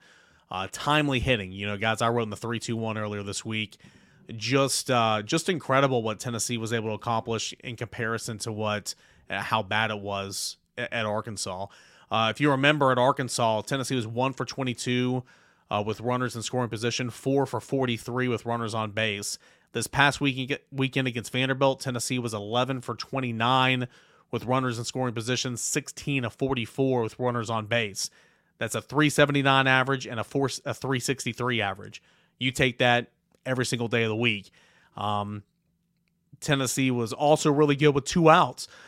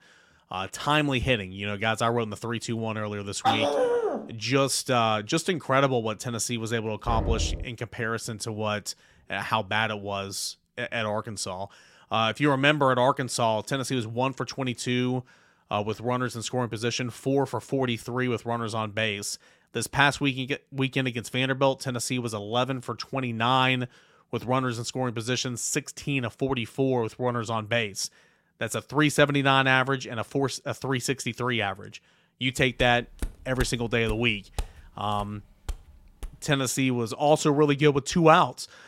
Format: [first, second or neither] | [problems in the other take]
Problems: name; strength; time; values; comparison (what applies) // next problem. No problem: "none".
first | dog barking; loud; at 3.5 s; peak 3 dB above the speech // door banging; noticeable; at 7 s; peak 3 dB below the speech // footsteps; faint; from 33 to 36 s; peak 10 dB below the speech